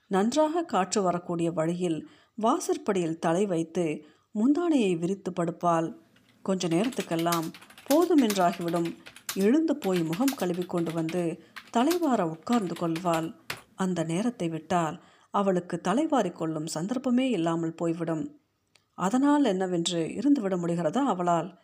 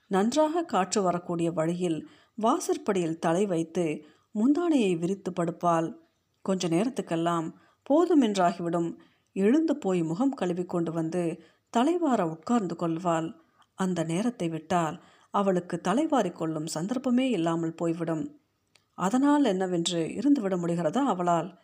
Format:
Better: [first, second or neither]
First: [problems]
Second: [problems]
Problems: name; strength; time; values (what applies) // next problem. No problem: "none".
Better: second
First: keyboard typing; noticeable; from 6.5 to 14 s; peak 8 dB below the speech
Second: none